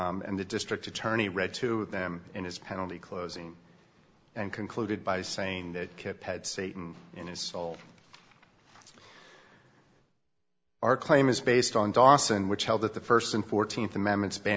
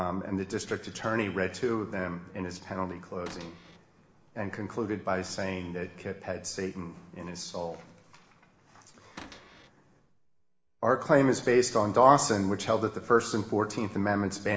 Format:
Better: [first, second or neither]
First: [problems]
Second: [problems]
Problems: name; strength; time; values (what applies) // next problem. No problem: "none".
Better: first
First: none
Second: background sound (Cupboard open or close / Door); 19 dB below the speech // room echo; dies away in 0.8 s